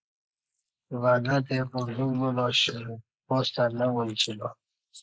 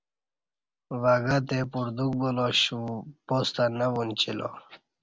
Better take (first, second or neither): second